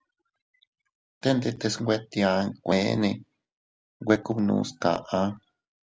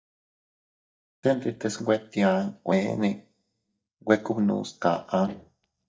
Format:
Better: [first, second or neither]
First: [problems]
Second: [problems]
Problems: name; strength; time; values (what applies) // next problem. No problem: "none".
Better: first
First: none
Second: noise reduction (neural mask model DeepFilterNet 3)